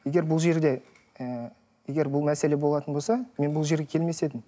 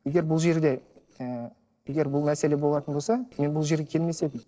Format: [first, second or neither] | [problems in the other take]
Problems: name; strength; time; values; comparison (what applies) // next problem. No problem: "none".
first | noise reduction (neural separator model SepFormer DNS4)